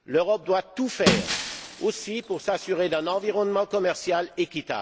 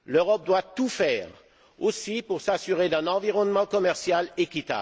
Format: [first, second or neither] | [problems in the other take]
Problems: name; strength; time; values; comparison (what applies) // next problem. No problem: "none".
second | background sound (Shatter); 6 dB below the speech